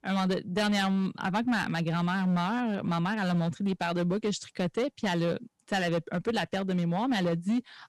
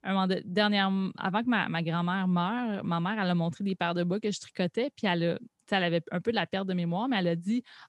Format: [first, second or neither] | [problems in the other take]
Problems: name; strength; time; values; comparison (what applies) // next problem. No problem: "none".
second | distortion; slight; 10% of the sound clipped